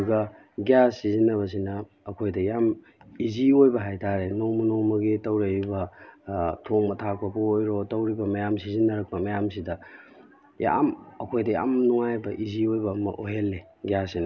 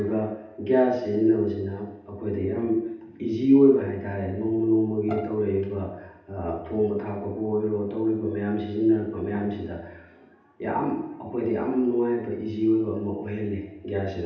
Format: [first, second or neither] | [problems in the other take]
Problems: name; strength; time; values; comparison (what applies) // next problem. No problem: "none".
first | background sound (Bowed string instrument); 14 dB below the speech // room echo; dies away in 0.8 s